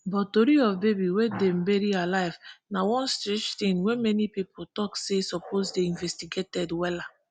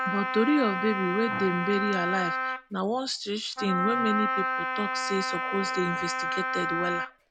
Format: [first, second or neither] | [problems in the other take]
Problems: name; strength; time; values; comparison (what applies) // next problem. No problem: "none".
first | background sound (Wind instrument, woodwind instrument); 1 dB below the speech